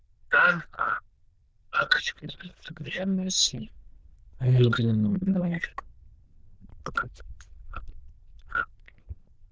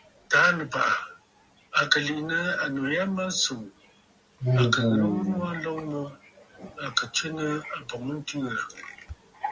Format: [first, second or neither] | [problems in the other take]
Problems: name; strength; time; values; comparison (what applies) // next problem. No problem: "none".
second | noise reduction (neural diffusion model UNIVERSE++)